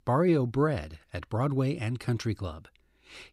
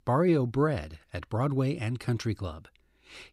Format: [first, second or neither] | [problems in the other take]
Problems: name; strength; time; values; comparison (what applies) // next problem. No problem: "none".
neither | none